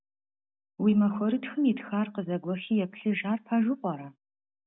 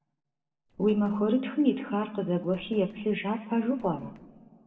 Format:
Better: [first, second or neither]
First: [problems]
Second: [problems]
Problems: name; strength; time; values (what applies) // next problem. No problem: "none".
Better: first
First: none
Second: noise reduction (neural separator model SepFormer DNS4)